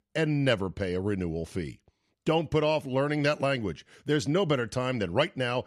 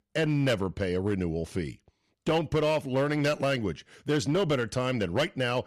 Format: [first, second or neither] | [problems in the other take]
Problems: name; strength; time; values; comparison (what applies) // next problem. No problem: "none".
first | distortion; slight; 7% of the sound clipped